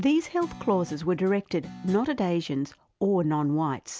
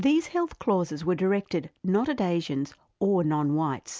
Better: second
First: background sound (Guitar); 20 dB below the speech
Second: none

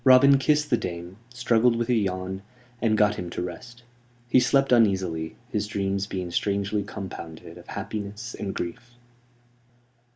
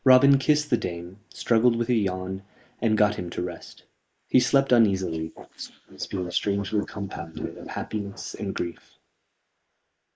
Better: first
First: none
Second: noise reduction (neural mask model Resemble Enhance denoiser)

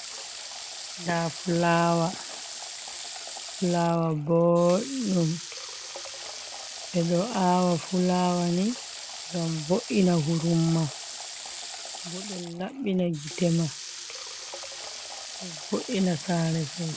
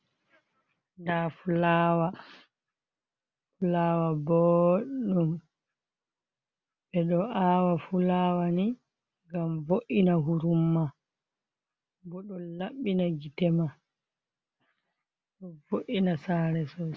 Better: second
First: background sound (Water tap, faucet / Water); 11 dB below the speech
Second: none

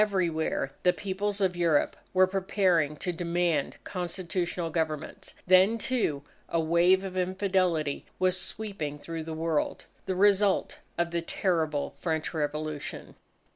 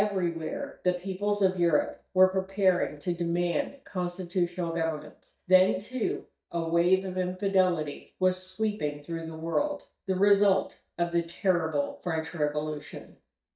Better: first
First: none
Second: noise reduction (neural mask model DeepFilterNet 3)

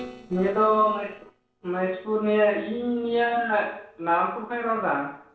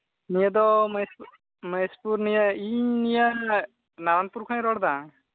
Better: second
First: noise reduction (neural separator model SepFormer DNS4)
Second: none

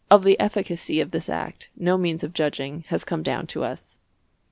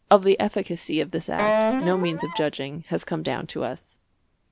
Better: first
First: none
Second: background sound (Wind instrument, woodwind instrument); as loud as the speech

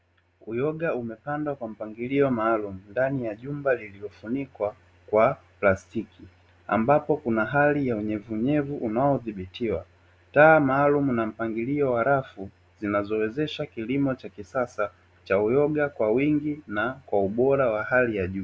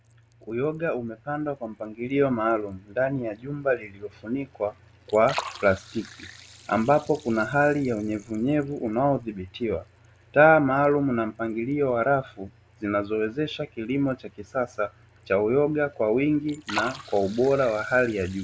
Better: first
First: none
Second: background sound (Liquid); 20 dB below the speech

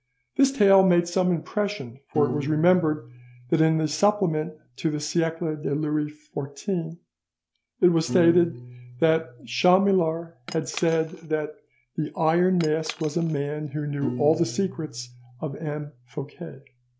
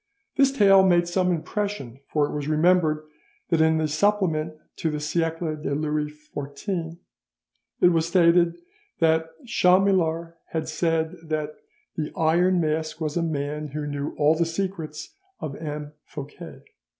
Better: second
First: background sound (Piano + Cutlery, silverware / Chink, clink); 16 dB below the speech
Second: none

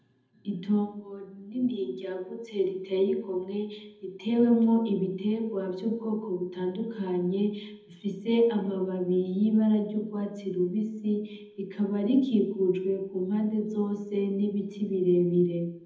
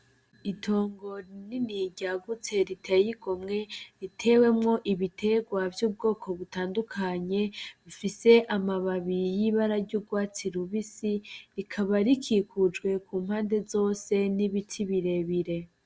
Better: second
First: room echo; dies away in 0.8 s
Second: none

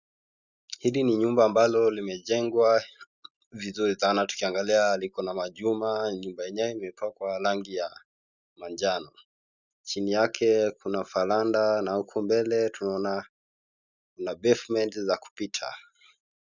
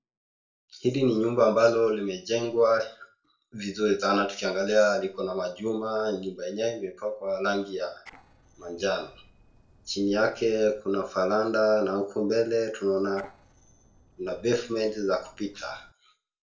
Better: first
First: none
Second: noise reduction (neural separator model SepFormer DNS4)

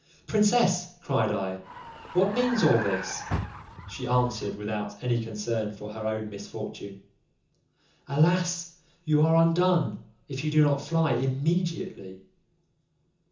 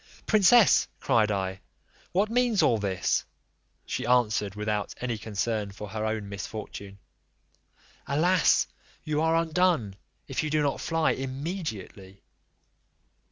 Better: second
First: background sound (Vehicle); 8 dB below the speech // room echo; dies away in 0.6 s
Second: none

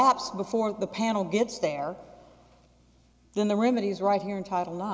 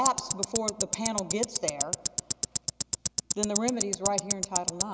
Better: first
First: none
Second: background sound (Tick-tock); 1 dB above the speech

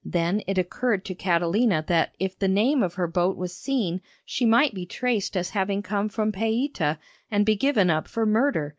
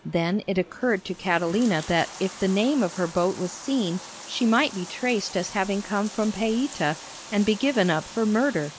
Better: first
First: none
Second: background sound (Bathtub (filling or washing)); 16 dB below the speech

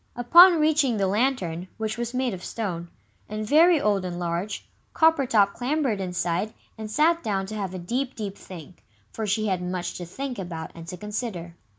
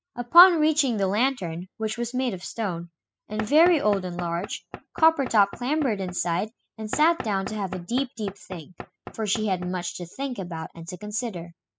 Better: first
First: none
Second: noise reduction (classical method spectral subtraction)

